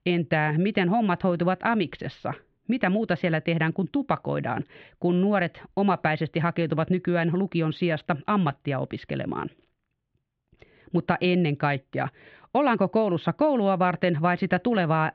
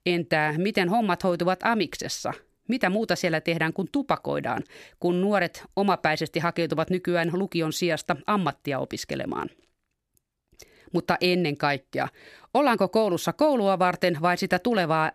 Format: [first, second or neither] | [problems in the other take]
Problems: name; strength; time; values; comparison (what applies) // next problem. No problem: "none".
second | muffled; very; fading above 3.5 kHz